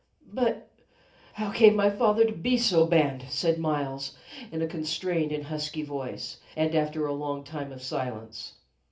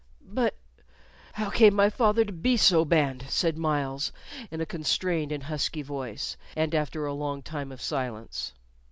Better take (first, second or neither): second